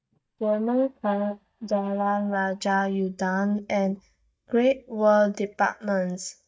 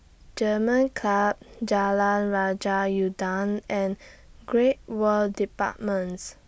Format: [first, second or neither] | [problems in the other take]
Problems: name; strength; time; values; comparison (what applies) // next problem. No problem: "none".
second | noise reduction (neural mask model DeepFilterNet 3)